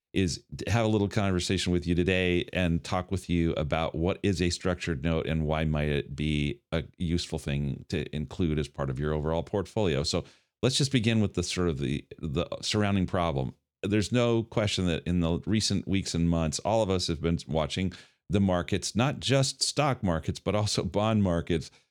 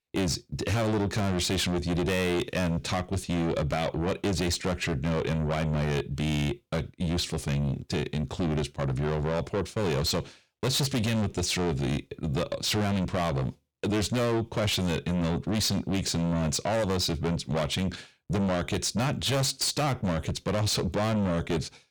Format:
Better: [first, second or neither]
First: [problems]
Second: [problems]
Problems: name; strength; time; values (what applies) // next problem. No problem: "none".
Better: first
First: none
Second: distortion; heavy; 5 dB below the speech